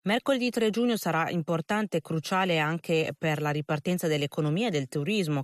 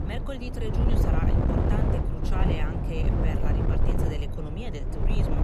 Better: first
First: none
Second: wind noise on the microphone; heavy; 3 dB above the speech

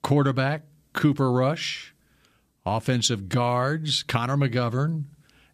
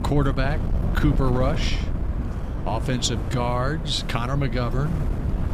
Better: first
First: none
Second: wind noise on the microphone; heavy; 9 dB below the speech

